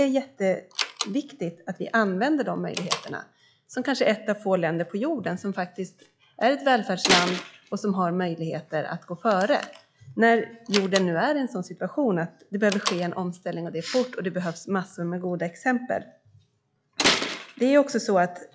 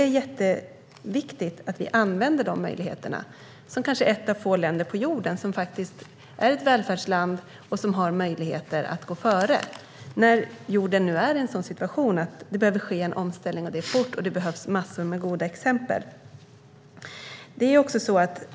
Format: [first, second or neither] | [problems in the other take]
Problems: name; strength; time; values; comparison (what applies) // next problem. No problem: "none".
second | noise reduction (classical method log-MMSE)